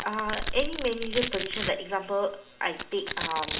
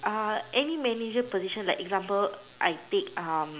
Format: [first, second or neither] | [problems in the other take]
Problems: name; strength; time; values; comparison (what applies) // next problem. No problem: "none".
second | background sound (Domestic sounds, home sounds); 4 dB below the speech // room echo; dies away in 0.4 s